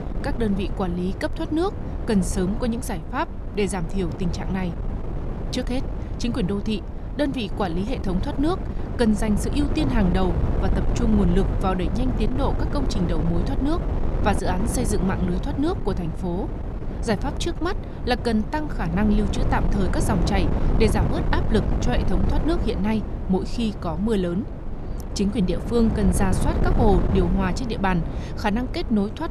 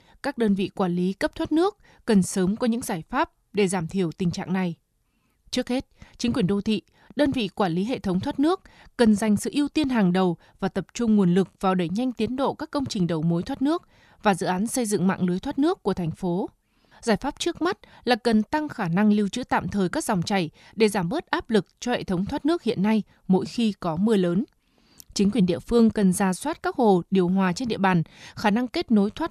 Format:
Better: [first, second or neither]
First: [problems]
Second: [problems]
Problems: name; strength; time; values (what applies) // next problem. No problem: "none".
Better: second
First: wind noise on the microphone; heavy; 7 dB below the speech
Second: none